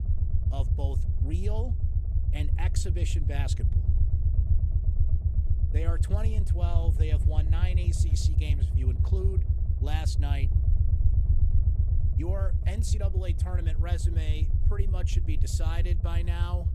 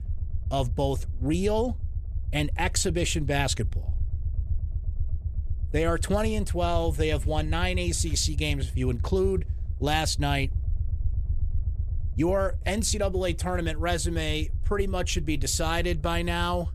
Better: second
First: low rumble; loud; throughout; 3 dB below the speech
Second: low rumble; faint; throughout; 20 dB below the speech

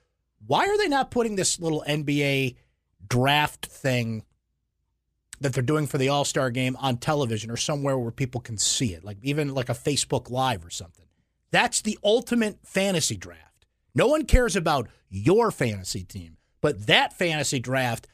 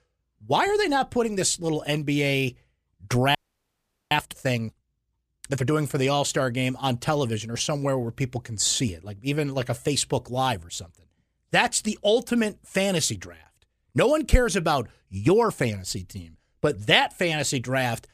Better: first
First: none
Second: audio freezing; at 3.5 s for 1 s

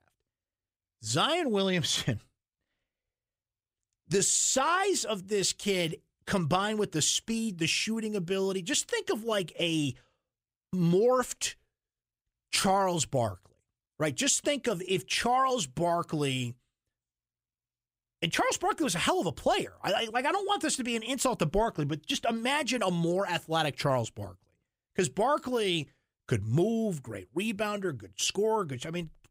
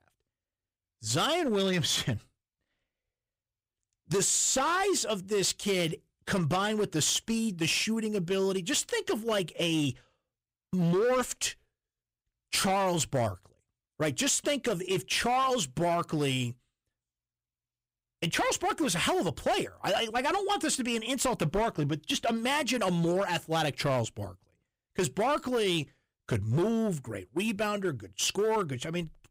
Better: first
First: none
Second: distortion; slight; 9% of the sound clipped

